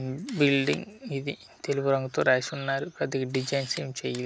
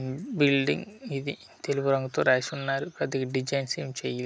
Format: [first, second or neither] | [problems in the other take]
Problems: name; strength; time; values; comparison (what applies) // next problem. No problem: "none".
second | background sound (Camera); 20 dB below the speech